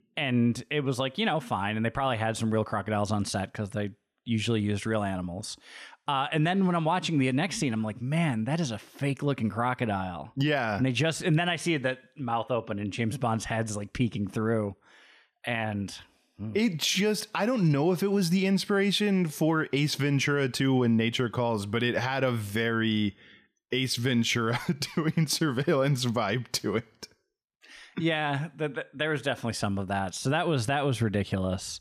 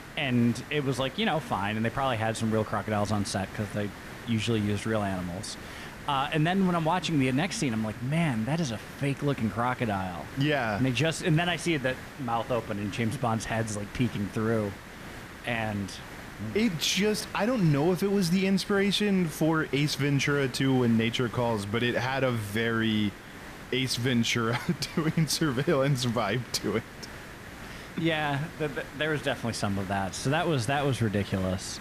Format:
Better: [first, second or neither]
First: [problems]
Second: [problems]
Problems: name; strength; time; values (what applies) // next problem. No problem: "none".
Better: first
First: none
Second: hiss; noticeable; throughout; 15 dB below the speech